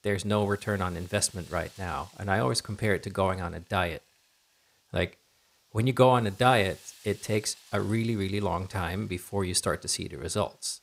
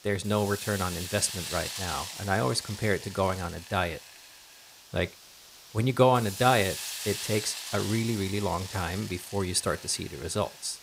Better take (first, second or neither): first